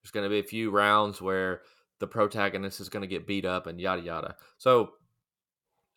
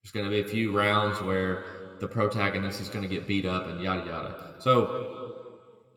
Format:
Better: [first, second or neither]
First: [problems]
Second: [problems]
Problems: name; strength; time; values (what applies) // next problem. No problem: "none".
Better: first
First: none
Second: room echo; slight; dies away in 2.1 s